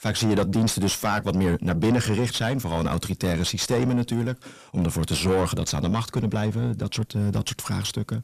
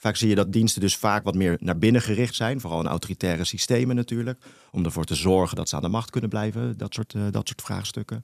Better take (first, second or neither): second